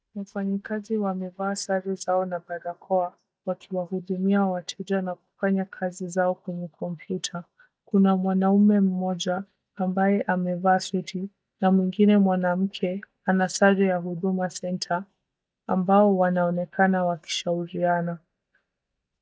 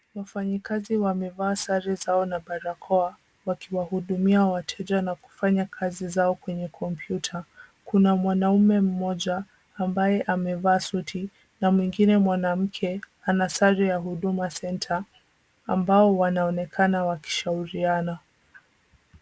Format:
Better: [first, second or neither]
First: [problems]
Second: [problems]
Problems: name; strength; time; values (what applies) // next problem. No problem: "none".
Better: second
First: noise reduction (neural mask model DeepFilterNet 3)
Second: none